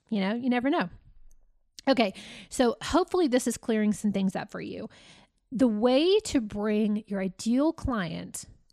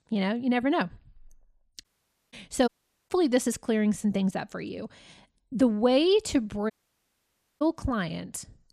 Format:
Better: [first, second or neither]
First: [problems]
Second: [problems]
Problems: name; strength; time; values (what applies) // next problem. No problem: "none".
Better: first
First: none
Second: audio cutting out; at 2 s, at 2.5 s and at 6.5 s for 1 s